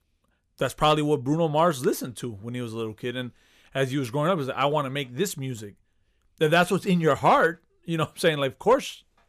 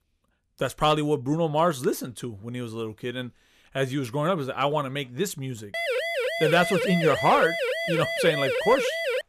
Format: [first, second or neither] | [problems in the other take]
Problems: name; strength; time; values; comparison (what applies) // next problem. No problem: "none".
first | siren; noticeable; from 5.5 s on; peak level with the speech